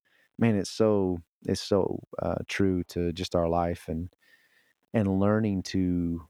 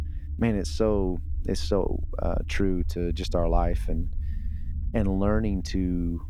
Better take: first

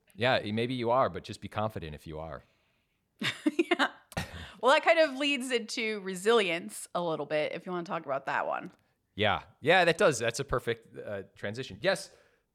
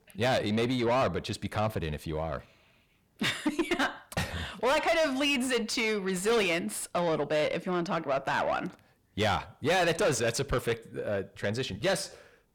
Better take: first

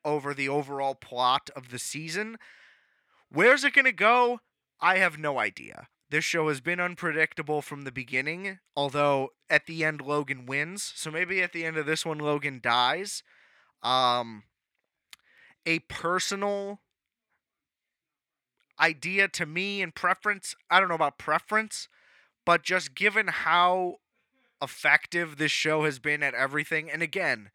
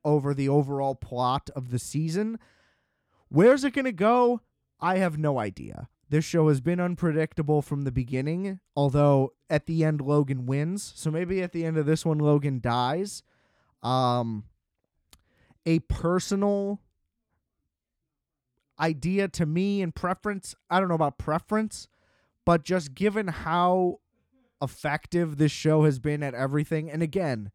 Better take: second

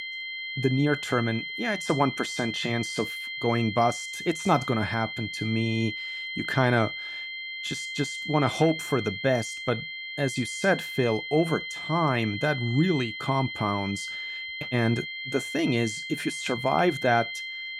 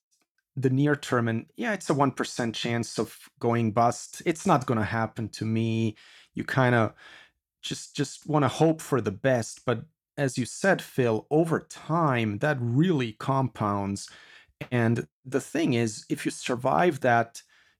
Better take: second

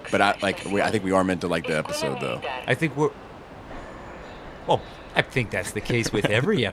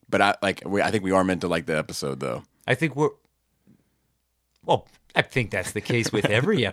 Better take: second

